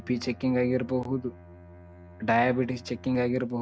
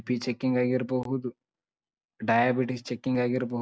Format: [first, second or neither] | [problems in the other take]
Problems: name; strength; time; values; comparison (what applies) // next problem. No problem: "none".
second | background sound (Bowed string instrument); 20 dB below the speech